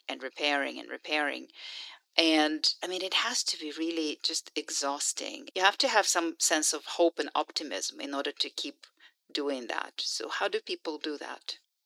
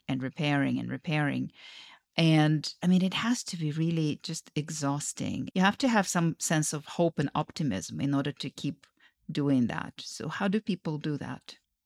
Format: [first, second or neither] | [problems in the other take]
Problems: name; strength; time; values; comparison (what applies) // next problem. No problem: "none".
second | thin; very; fading below 350 Hz